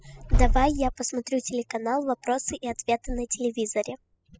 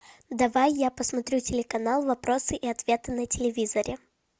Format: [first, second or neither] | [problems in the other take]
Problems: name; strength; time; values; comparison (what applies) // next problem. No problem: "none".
second | noise reduction (classical method spectral subtraction)